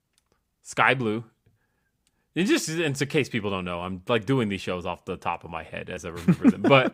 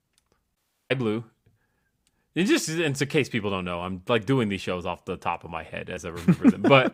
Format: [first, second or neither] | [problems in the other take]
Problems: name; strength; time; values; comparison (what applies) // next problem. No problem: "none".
first | audio cutting out; at 0.5 s